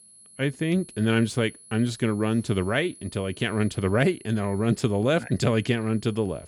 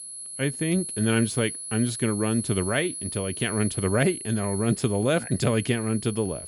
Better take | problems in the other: first | high-pitched whine; loud; throughout; 10.5 kHz, 7 dB below the speech; faint in the first

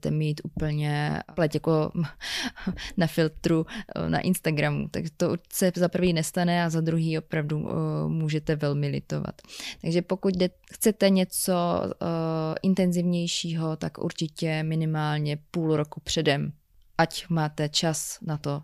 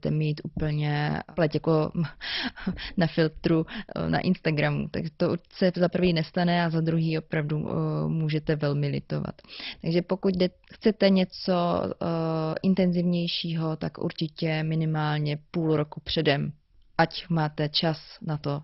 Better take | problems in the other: first | garbled, watery; badly; nothing above 5.5 kHz

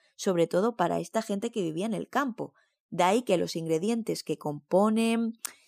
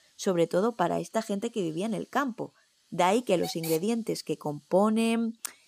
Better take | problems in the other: first | hiss; noticeable; throughout; 15 dB below the speech

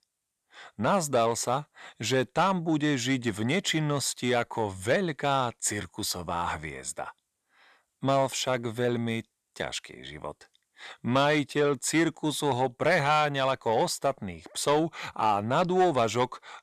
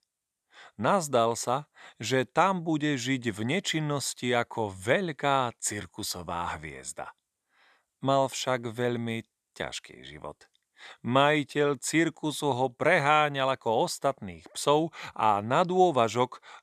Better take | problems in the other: second | distortion; slight; 10 dB below the speech

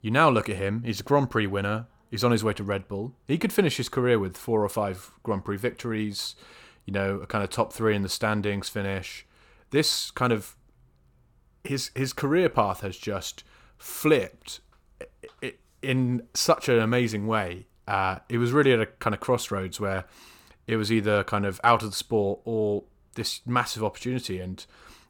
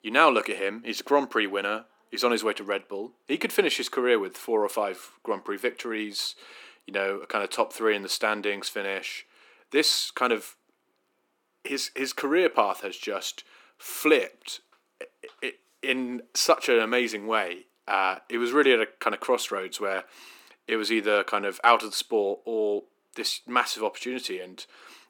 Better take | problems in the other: first | thin; somewhat; fading below 250 Hz

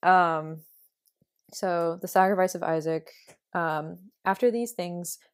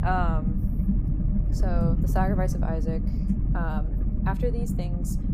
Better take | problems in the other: first | low rumble; loud; throughout; 5 dB below the speech

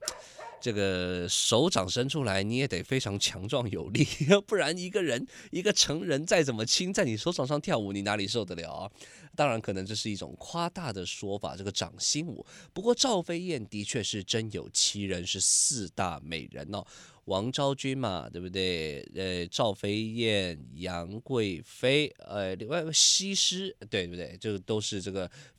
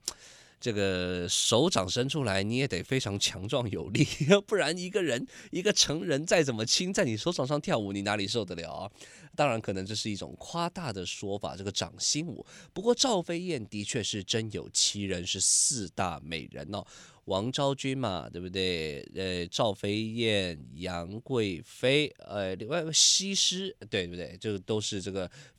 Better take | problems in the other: second | dog barking; faint; at the start; peak 15 dB below the speech

